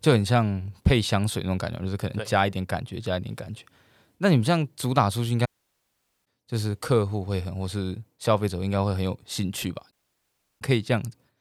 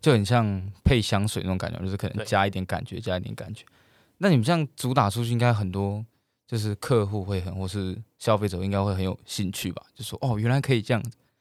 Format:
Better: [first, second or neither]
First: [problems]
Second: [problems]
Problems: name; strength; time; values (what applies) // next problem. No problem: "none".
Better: second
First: audio cutting out; at 5.5 s for 1 s and at 10 s for 0.5 s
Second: none